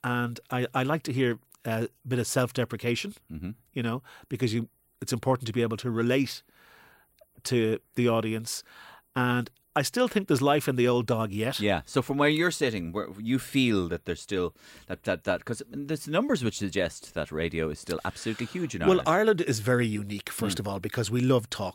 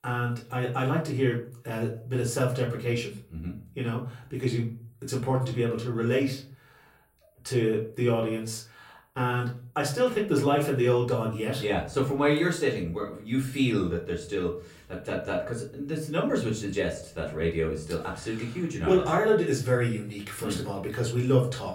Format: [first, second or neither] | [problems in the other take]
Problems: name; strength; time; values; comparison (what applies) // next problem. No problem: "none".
first | off-mic speech; far // room echo; slight; dies away in 0.4 s